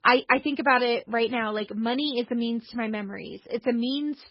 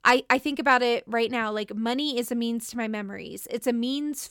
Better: second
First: garbled, watery; badly; nothing above 5 kHz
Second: none

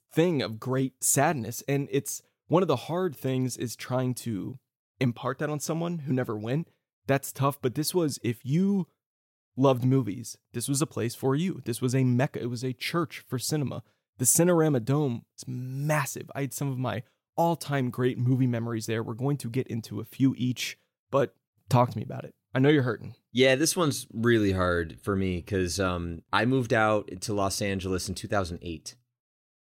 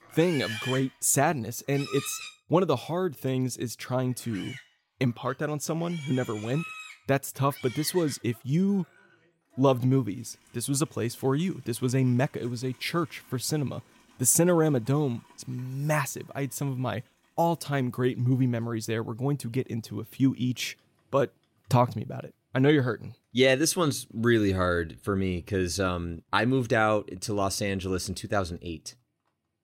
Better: first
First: none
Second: animal sounds; noticeable; throughout; 15 dB below the speech

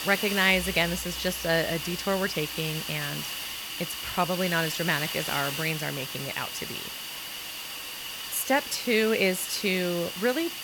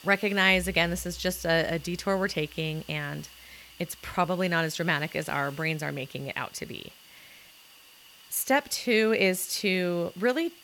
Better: second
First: hiss; loud; throughout; 5 dB below the speech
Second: hiss; faint; throughout; 20 dB below the speech

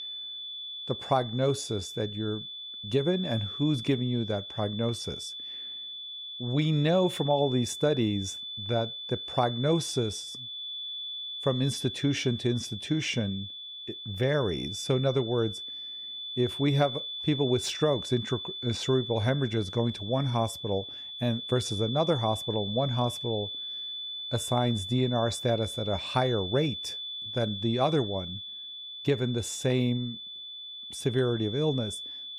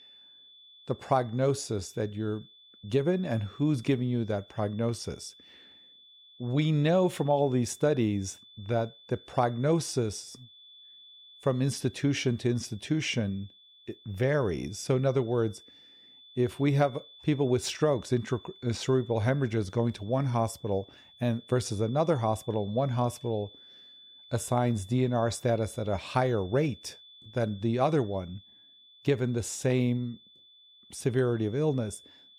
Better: second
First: high-pitched whine; loud; throughout; 3.5 kHz, 7 dB below the speech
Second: high-pitched whine; faint; throughout; 3.5 kHz, 25 dB below the speech

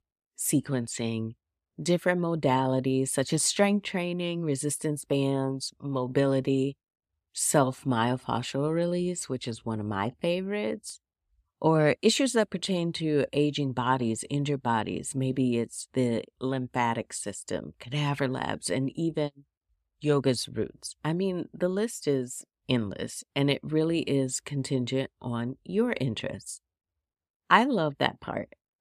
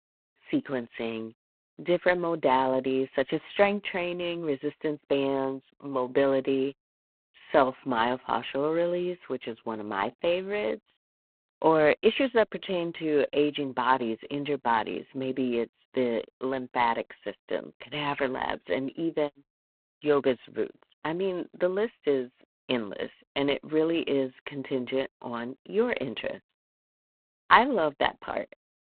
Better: first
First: none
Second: phone-call audio; poor line

